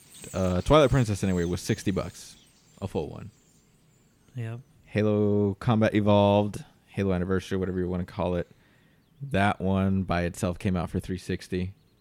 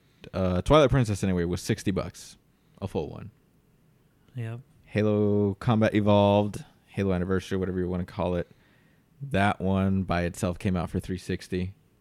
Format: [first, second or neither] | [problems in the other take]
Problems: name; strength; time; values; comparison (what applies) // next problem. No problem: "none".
second | animal sounds; faint; throughout; 25 dB below the speech